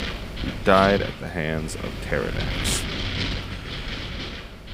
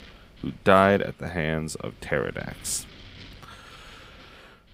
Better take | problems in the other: second | wind noise on the microphone; heavy; 7 dB below the speech; occasional gusts in the second

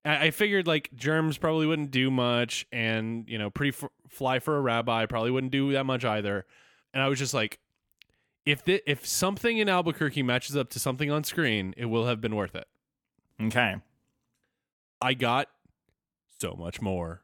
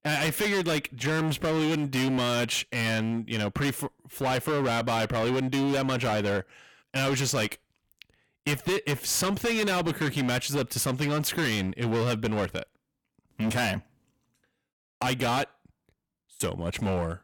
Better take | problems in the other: first | distortion; heavy; 22% of the sound clipped

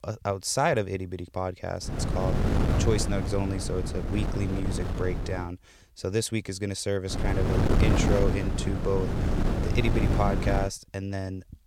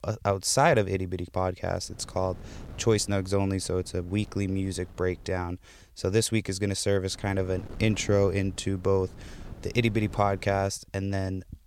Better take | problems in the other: second | wind noise on the microphone; heavy; from 2 to 5.5 s and from 7 to 11 s; 3 dB below the speech; occasional gusts in the second

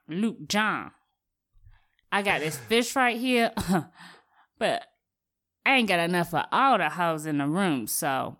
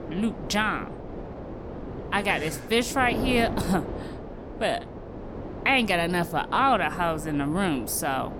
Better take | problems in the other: first | wind noise on the microphone; occasional gusts; 15 dB below the speech

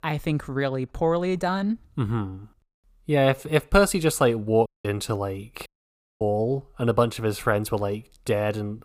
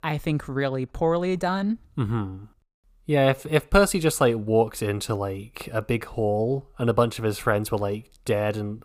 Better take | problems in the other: second | audio cutting out; at 4.5 s and at 5.5 s for 0.5 s

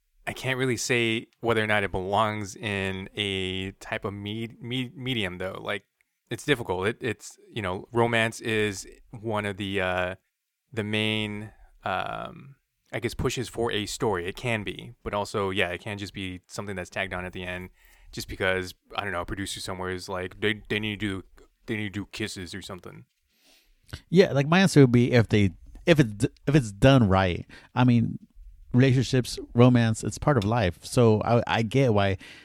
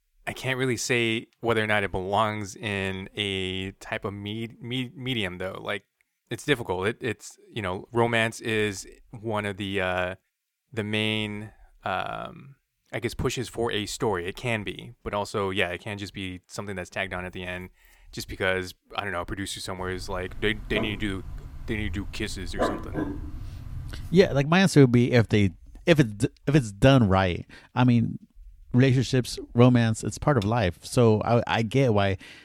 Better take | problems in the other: first | dog barking; noticeable; from 20 to 24 s; peak 3 dB below the speech

